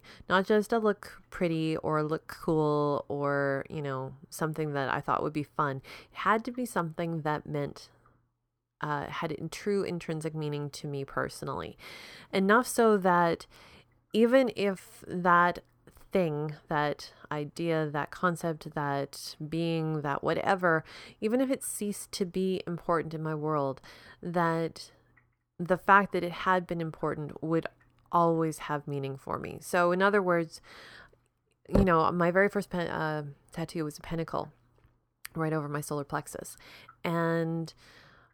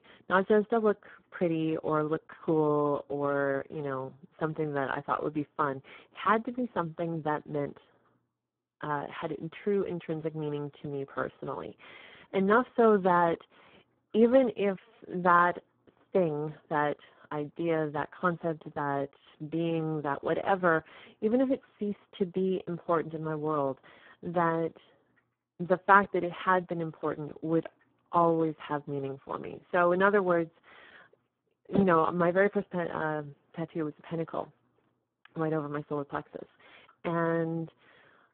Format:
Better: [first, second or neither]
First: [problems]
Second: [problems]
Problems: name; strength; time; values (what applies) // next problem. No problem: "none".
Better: first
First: none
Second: phone-call audio; poor line